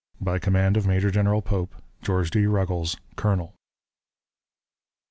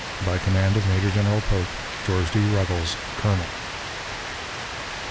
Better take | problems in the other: first | background sound (Rain); 7 dB below the speech

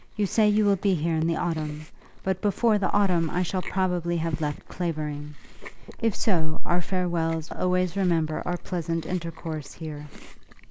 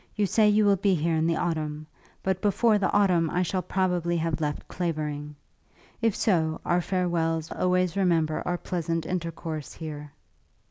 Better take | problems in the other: second | noise reduction (neural mask model Resemble Enhance denoiser)

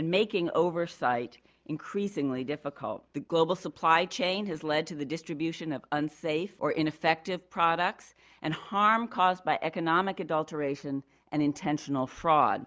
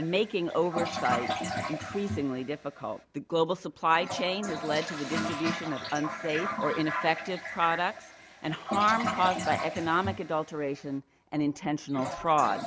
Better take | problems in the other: first | background sound (Toilet flush); 6 dB below the speech

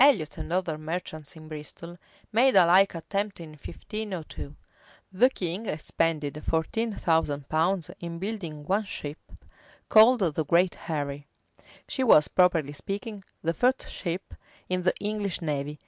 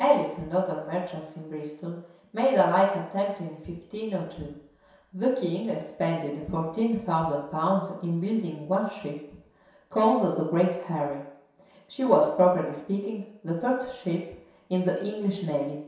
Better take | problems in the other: first | room echo; dies away in 0.7 s

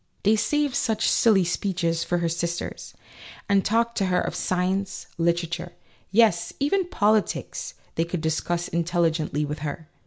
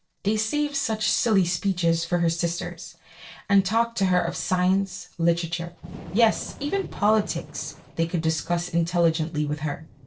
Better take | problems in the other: first | noise reduction (neural separator model SepFormer DNS4)

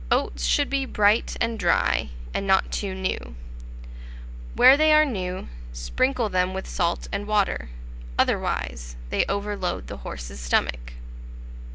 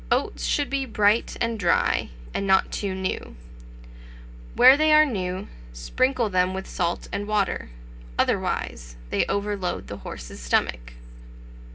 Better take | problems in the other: first | room echo; dies away in 0.3 s

